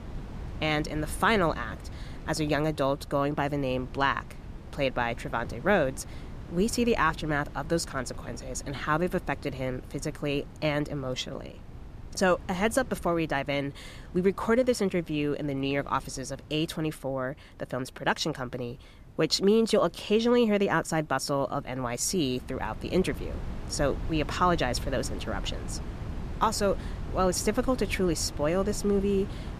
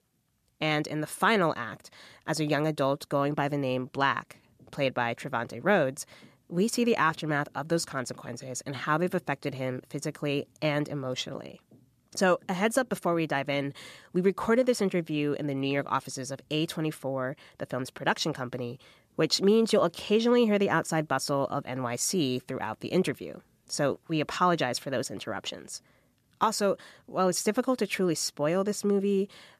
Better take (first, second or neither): second